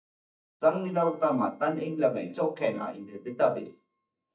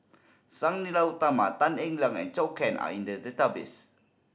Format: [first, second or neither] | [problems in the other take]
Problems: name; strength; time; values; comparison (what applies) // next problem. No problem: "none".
second | noise reduction (neural mask model DeepFilterNet 3)